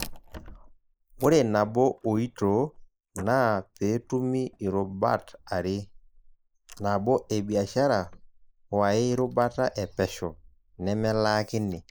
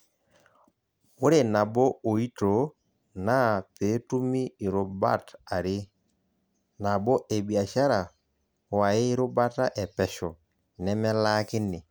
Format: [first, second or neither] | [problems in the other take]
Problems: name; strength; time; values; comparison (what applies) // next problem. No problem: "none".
second | noise reduction (neural mask model Resemble Enhance denoiser)